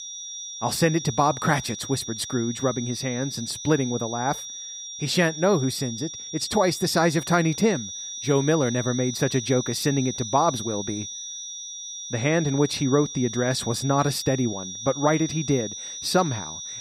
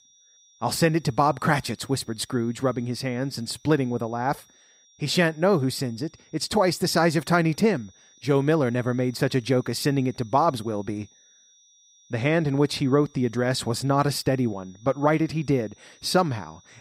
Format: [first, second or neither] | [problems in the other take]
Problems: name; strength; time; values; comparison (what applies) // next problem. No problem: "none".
second | high-pitched whine; loud; throughout; 6 kHz, 8 dB below the speech; faint in the second